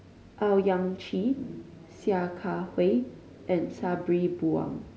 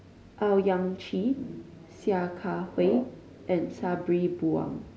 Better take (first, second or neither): first